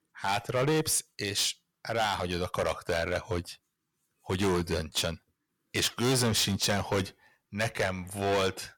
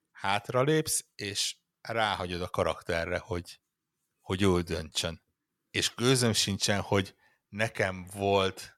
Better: second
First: distortion; heavy; 9% of the sound clipped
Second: none

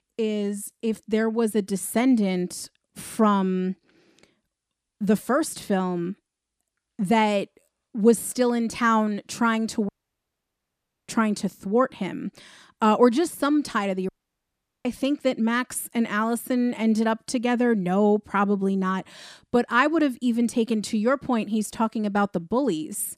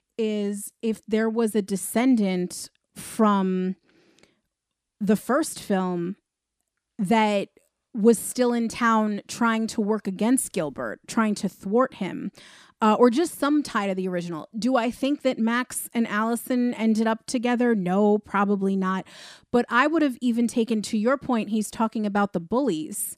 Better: second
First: audio cutting out; at 10 s for 1 s and at 14 s for 1 s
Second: none

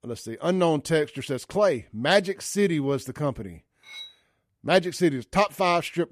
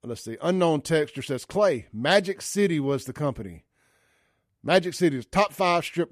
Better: second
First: clattering dishes; faint; at 4 s; peak 15 dB below the speech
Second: none

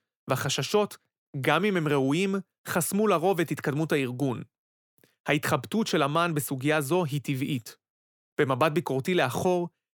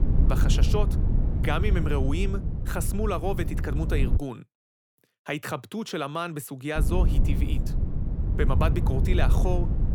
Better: first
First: none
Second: wind noise on the microphone; heavy; until 4 s and from 7 s on; 8 dB below the speech

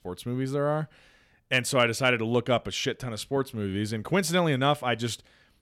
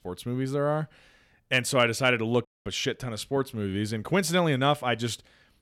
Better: first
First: none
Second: audio cutting out; at 2.5 s

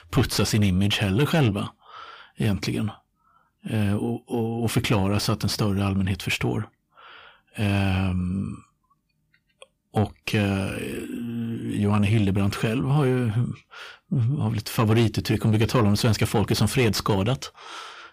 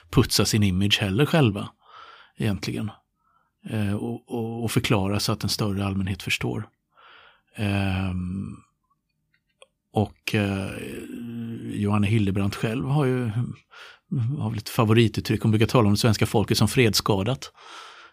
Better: second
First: distortion; slight; 10 dB below the speech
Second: none

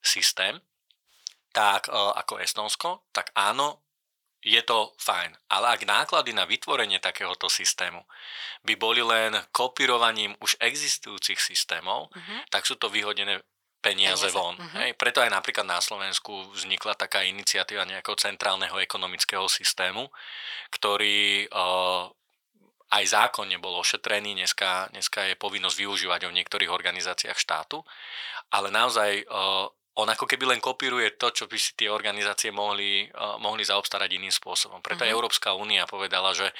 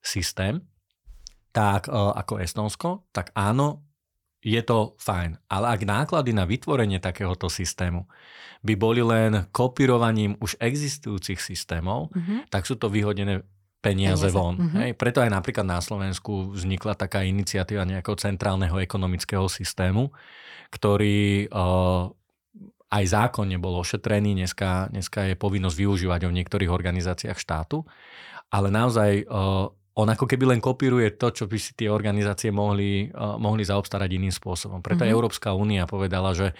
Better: second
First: thin; very; fading below 850 Hz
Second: none

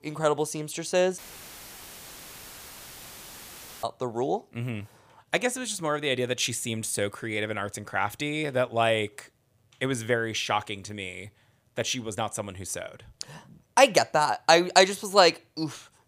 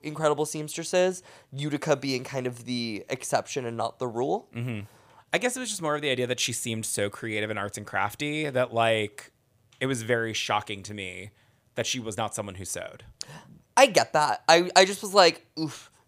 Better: second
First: audio cutting out; filled with static; at 1 s for 2.5 s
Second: none

